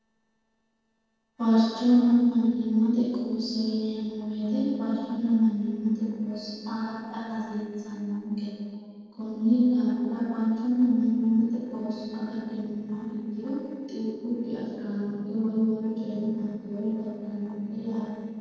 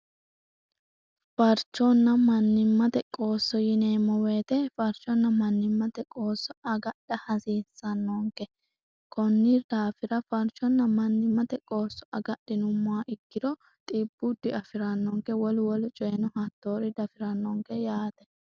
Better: second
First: noise reduction (neural separator model SepFormer DNS4)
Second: none

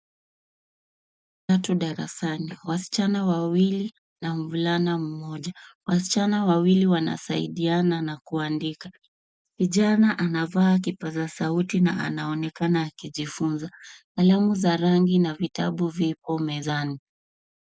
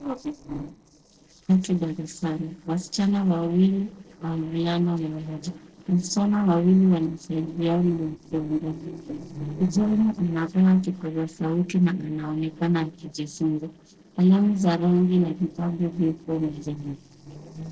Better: first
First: none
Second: noise reduction (neural separator model SepFormer DNS4)

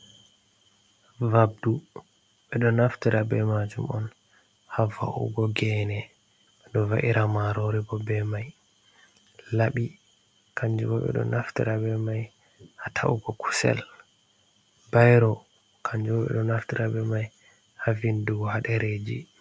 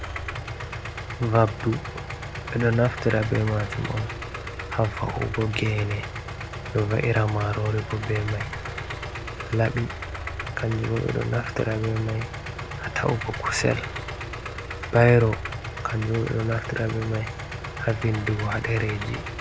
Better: first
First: none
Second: background sound (Idling); 7 dB below the speech

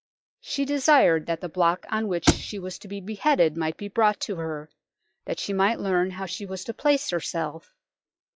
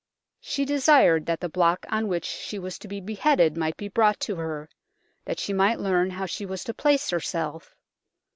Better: second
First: noise reduction (classical method log-MMSE)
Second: none

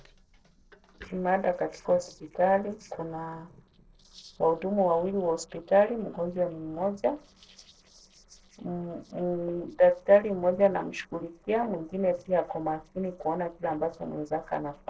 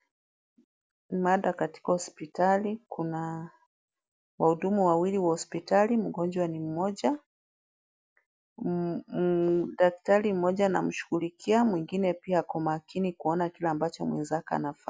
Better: second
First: noise reduction (neural separator model SepFormer DNS4)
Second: none

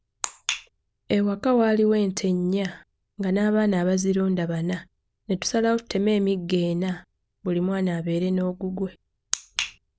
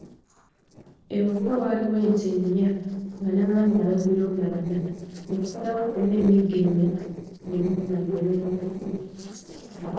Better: first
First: none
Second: noise reduction (neural separator model SepFormer DNS4)

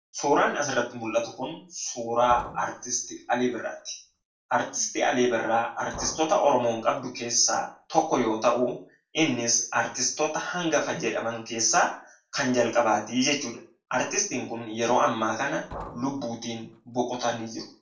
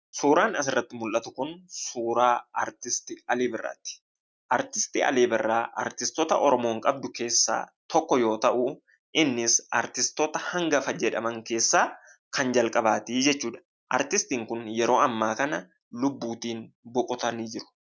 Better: second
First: background sound (Liquid); 18 dB below the speech // room echo; dies away in 0.4 s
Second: none

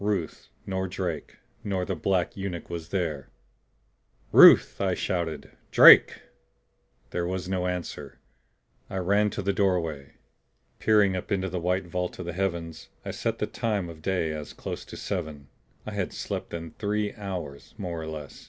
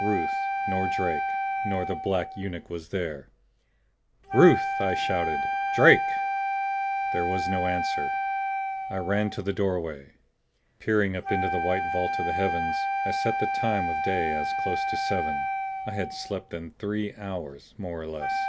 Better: first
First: none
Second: background sound (Wind instrument, woodwind instrument); 1 dB below the speech

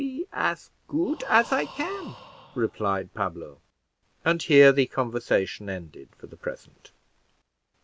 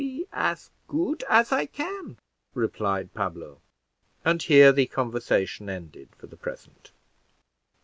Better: second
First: background sound (Breathing); 20 dB below the speech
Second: none

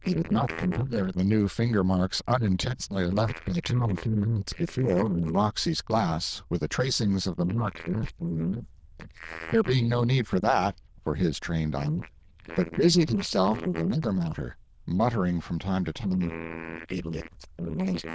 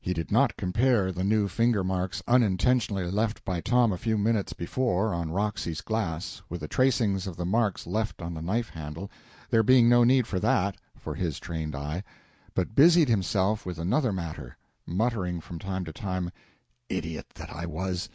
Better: second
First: noise reduction (neural diffusion model UNIVERSE++)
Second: none

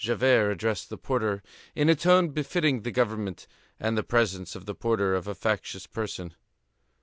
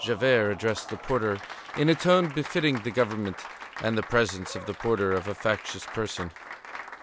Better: first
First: none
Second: background sound (Applause); 13 dB below the speech

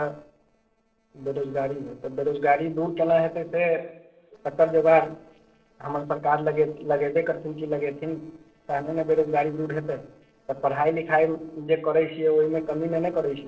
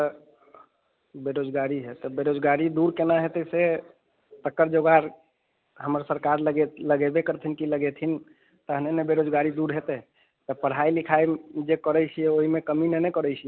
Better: second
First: noise reduction (neural separator model SepFormer DNS4)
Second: none

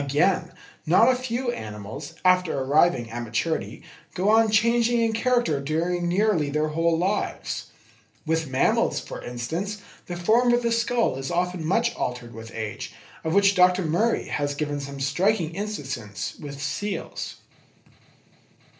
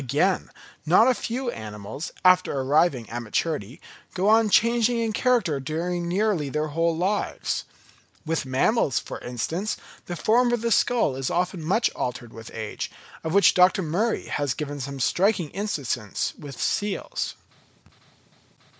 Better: second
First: room echo; dies away in 0.3 s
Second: none

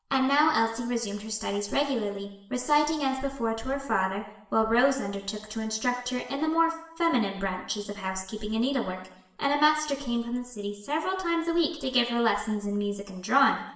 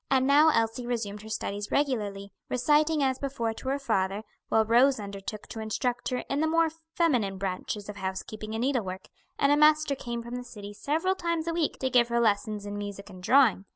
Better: second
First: room echo; dies away in 0.8 s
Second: none

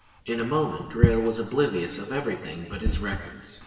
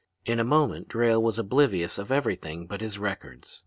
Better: second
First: background sound (Drawer open or close); 2 dB below the speech // room echo; dies away in 1.4 s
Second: none

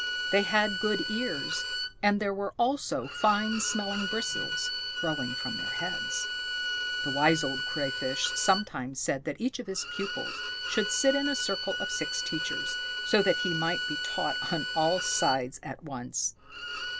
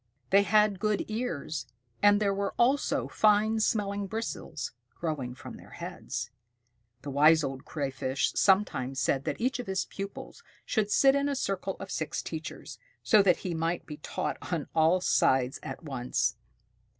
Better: second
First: background sound (Bowed string instrument); 3 dB below the speech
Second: none

